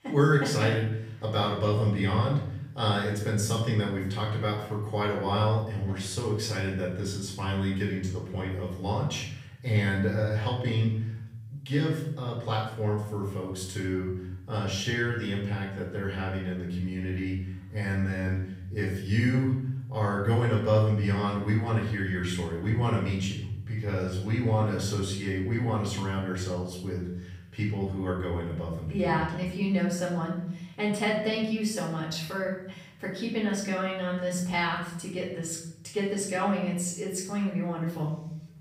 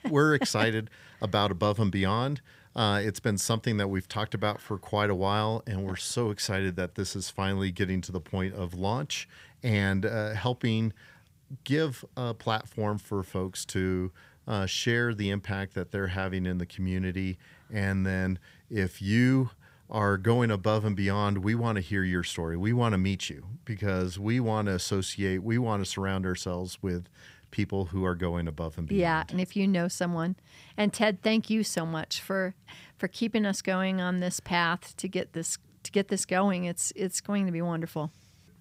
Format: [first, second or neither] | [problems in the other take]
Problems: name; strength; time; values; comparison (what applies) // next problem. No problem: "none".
second | off-mic speech; far // room echo; noticeable; dies away in 0.8 s